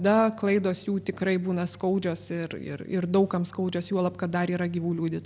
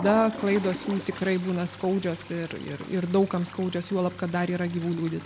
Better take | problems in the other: first | background sound (Toilet flush); 15 dB below the speech

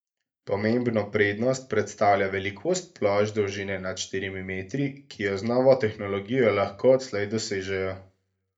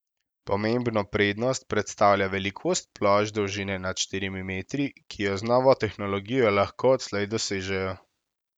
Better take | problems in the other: second | room echo; dies away in 0.3 s

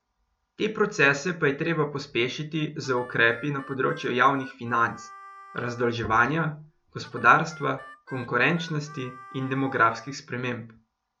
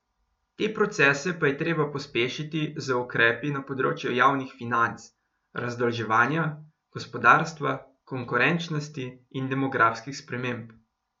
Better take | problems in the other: second | background sound (Bowed string instrument + Harmonica); 19 dB below the speech

